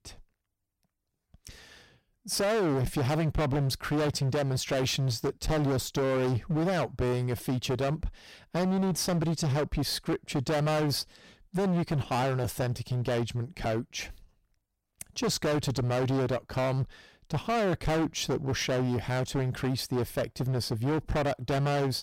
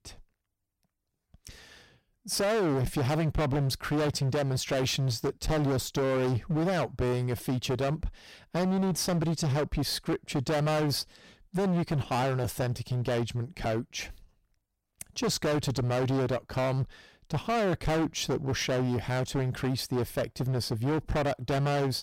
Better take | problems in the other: neither | distortion; heavy; 23% of the sound clipped; the same in both

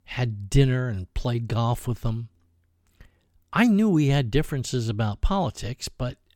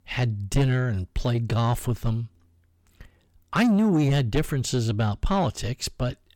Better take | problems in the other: first | distortion; slight; 10 dB below the speech

